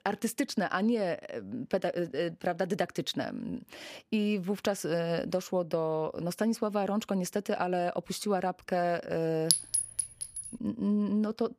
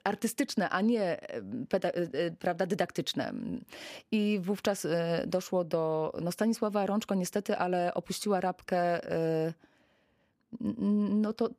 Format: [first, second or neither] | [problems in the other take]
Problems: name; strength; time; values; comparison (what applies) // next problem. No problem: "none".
second | clattering dishes; loud; at 9.5 s; peak 6 dB above the speech